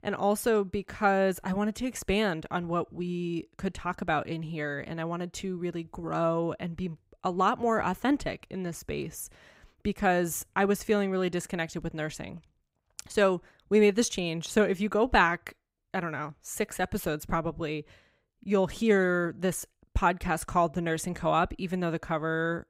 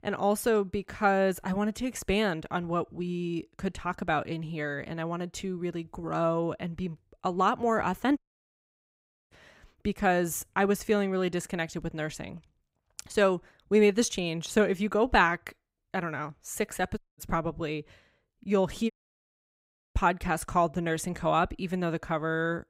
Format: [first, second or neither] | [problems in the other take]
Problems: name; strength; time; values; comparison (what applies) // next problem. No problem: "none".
first | audio cutting out; at 8 s for 1 s, at 17 s and at 19 s for 1 s